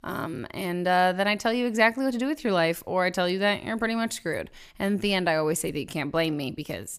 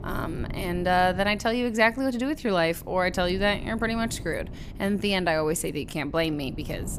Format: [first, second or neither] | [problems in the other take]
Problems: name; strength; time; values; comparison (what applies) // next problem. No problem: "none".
first | wind noise on the microphone; occasional gusts; 25 dB below the speech